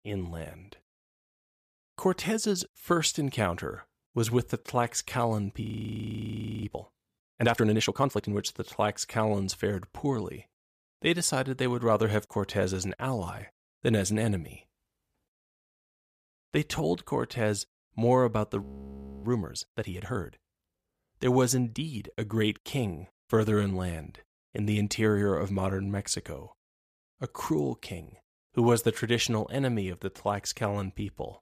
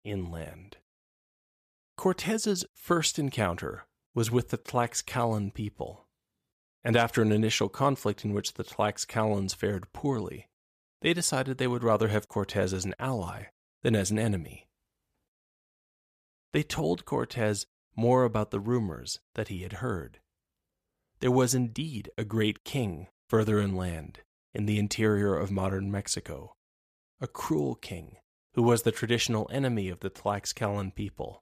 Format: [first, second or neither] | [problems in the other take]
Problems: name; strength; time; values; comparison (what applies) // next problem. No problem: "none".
second | audio freezing; at 5.5 s for 1 s and at 19 s for 0.5 s